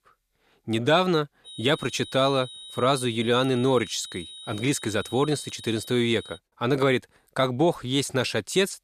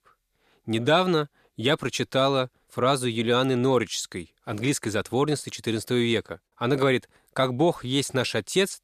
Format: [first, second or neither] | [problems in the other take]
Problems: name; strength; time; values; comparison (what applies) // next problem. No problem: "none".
second | high-pitched whine; noticeable; from 1.5 to 6.5 s; 4 kHz, 15 dB below the speech